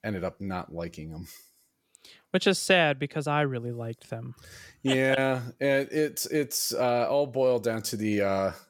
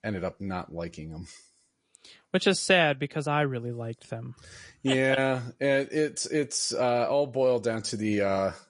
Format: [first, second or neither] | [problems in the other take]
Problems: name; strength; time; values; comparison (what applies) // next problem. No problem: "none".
first | garbled, watery; slightly; nothing above 10.5 kHz